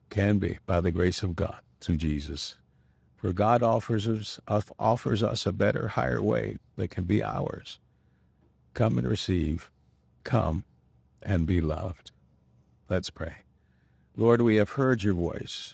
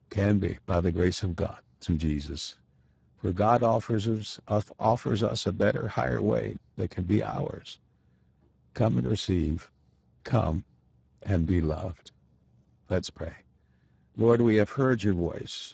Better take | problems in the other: first | garbled, watery; badly; nothing above 7.5 kHz; slightly in the first

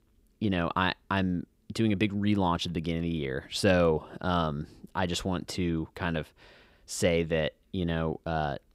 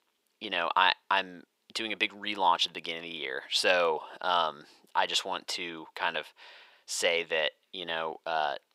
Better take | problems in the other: first | thin; very; fading below 650 Hz

